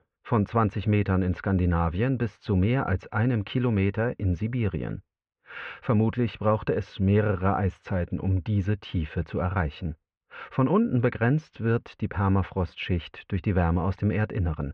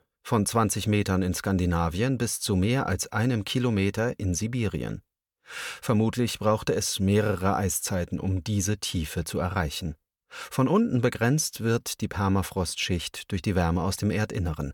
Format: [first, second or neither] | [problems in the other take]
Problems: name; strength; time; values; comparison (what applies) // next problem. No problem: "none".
second | muffled; very; fading above 2.5 kHz